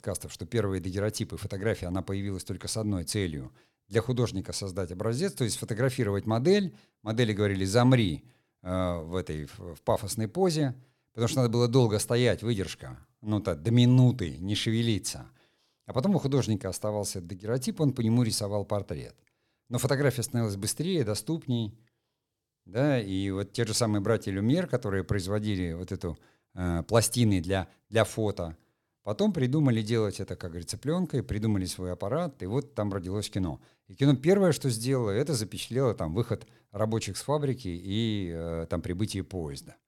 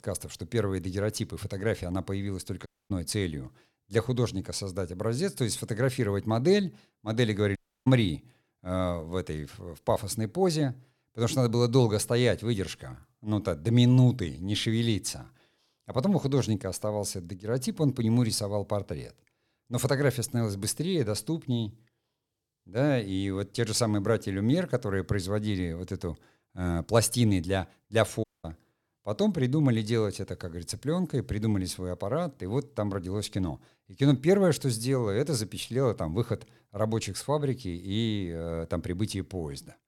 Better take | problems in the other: first | audio cutting out; at 2.5 s, at 7.5 s and at 28 s

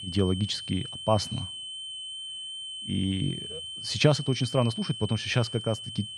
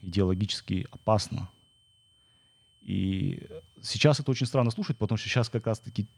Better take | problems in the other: second | high-pitched whine; loud; throughout; 3 kHz, 8 dB below the speech; faint in the second

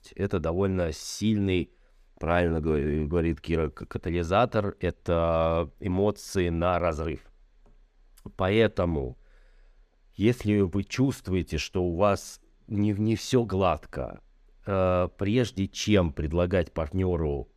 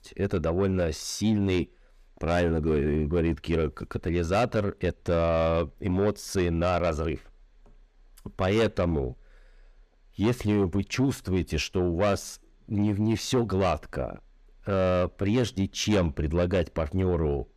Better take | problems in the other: first | distortion; slight; 10 dB below the speech

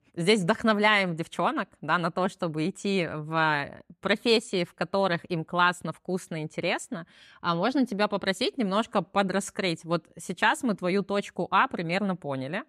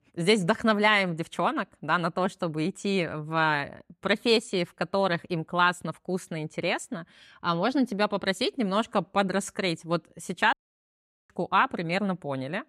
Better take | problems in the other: first | audio cutting out; at 11 s for 1 s

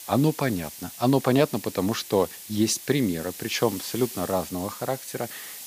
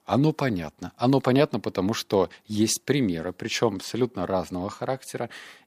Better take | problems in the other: second | hiss; noticeable; throughout; 10 dB below the speech

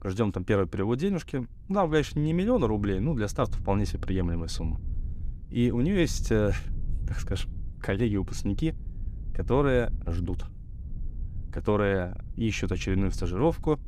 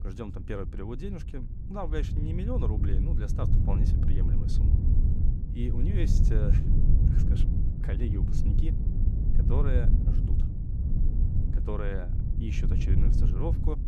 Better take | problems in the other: first | low rumble; loud; throughout; 2 dB below the speech; faint in the first

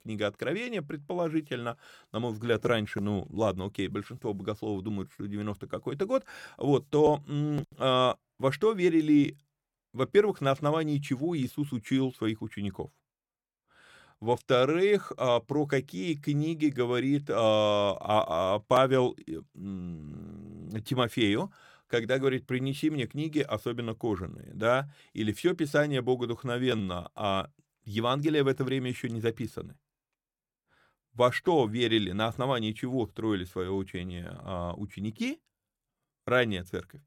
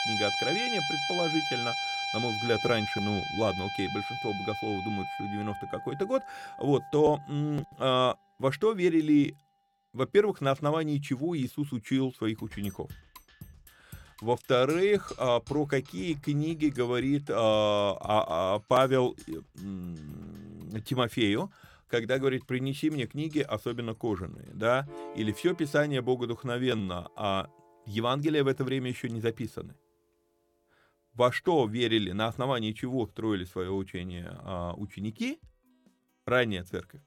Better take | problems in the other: first | background music; loud; throughout; 4 dB below the speech

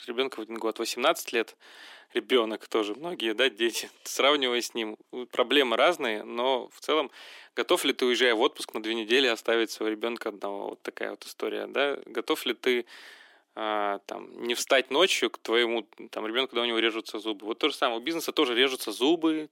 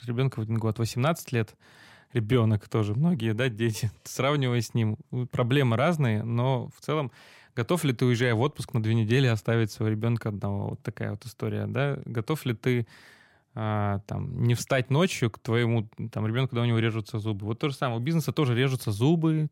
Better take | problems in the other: second | thin; very; fading below 300 Hz

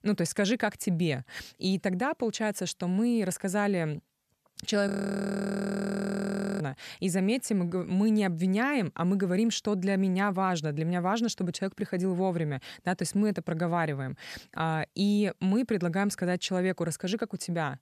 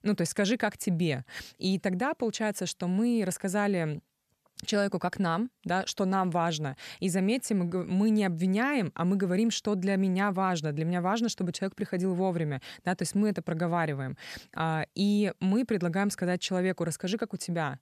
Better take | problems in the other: second | audio freezing; at 5 s for 1.5 s

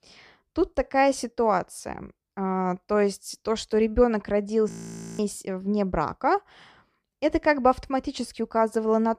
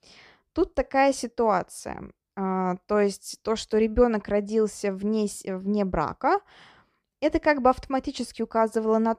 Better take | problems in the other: second | audio freezing; at 4.5 s for 0.5 s

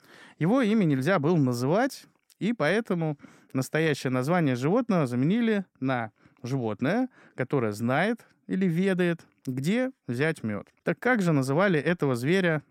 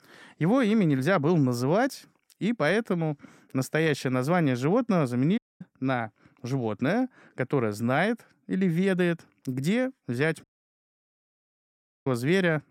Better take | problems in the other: first | audio cutting out; at 5.5 s and at 10 s for 1.5 s

